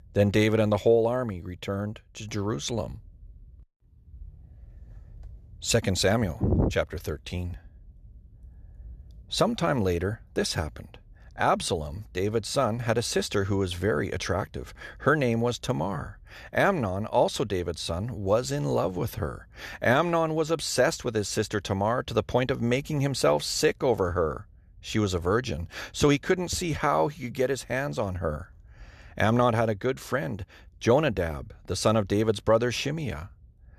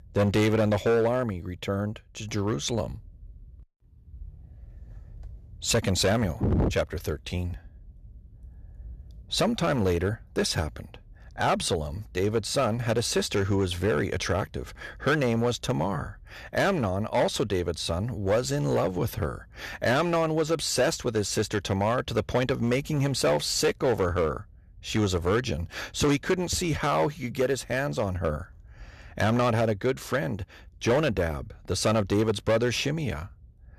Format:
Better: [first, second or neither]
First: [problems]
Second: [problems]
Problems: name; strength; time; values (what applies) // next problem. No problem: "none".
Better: first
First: none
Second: distortion; slight; 6% of the sound clipped